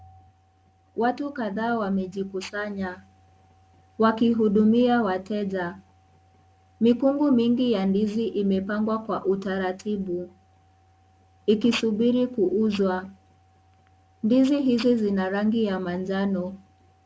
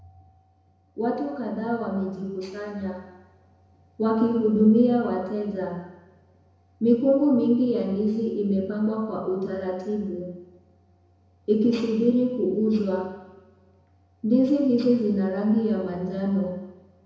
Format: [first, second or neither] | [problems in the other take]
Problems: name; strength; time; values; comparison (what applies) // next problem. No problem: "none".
first | room echo; dies away in 1 s